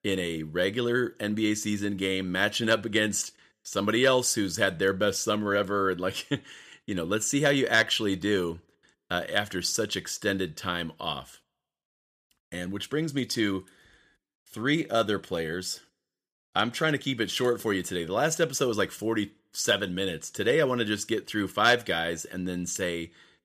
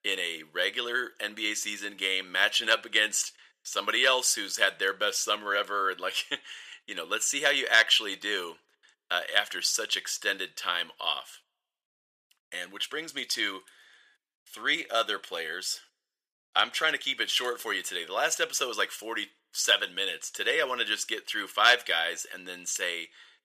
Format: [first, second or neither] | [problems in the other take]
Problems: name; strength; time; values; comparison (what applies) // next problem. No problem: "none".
first | thin; very; fading below 750 Hz